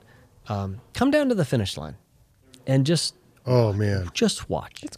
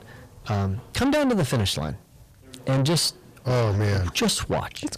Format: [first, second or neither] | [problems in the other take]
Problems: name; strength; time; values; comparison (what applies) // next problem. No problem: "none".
first | distortion; heavy; 6 dB below the speech